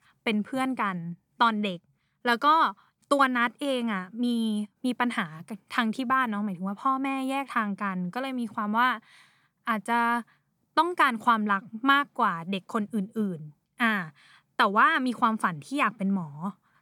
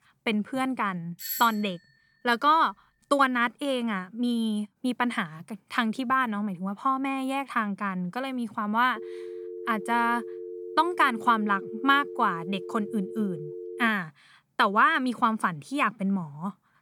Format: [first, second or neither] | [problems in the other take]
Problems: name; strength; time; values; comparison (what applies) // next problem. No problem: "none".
first | doorbell; noticeable; at 1 s; peak 6 dB below the speech // phone ringing; faint; from 9 to 14 s; peak 10 dB below the speech